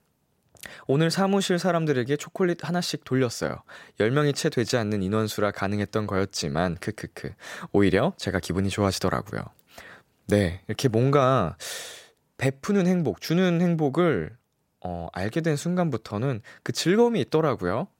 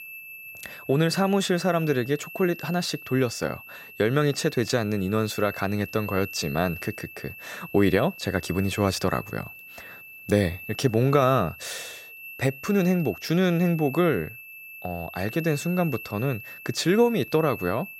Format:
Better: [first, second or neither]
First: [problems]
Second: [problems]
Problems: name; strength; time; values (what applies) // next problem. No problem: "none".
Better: first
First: none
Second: high-pitched whine; noticeable; throughout; 2.5 kHz, 15 dB below the speech